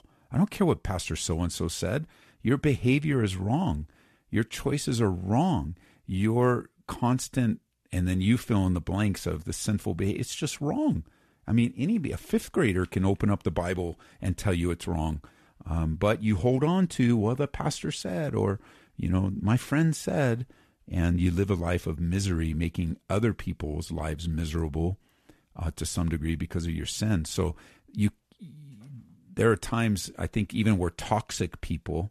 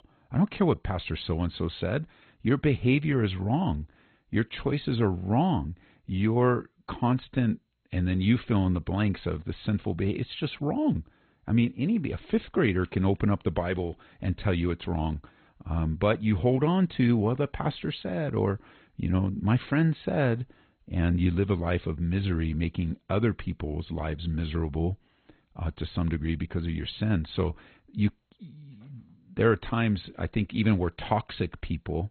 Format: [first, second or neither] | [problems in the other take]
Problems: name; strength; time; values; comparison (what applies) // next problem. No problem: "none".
first | garbled, watery; badly; nothing above 4 kHz